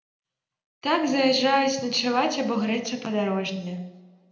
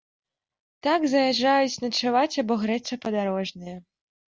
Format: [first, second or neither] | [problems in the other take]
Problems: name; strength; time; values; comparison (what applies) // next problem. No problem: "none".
second | room echo; dies away in 0.7 s